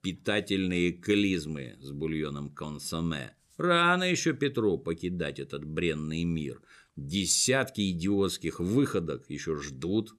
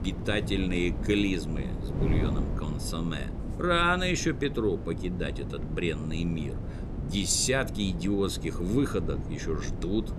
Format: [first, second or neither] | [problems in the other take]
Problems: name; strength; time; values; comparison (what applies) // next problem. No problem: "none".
first | wind noise on the microphone; occasional gusts; 10 dB below the speech